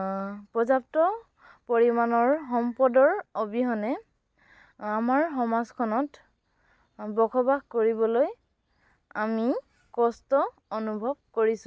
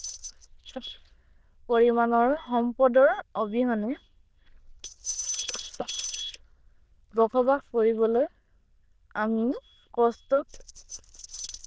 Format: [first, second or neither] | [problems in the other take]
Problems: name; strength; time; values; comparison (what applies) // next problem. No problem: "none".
first | noise reduction (neural diffusion model UNIVERSE++)